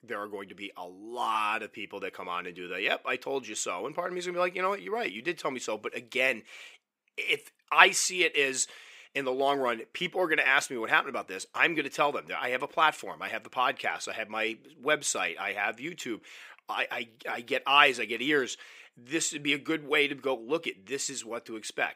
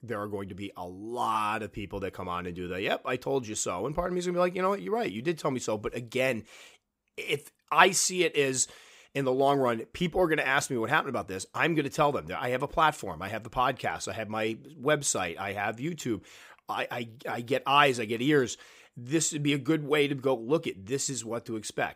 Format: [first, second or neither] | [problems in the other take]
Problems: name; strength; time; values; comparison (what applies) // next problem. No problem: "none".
second | thin; very slightly; fading below 250 Hz